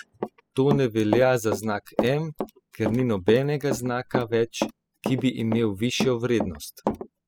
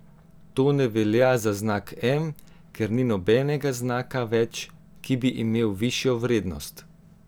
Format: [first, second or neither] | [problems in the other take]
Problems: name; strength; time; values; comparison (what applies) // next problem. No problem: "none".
second | noise reduction (classical method spectral subtraction)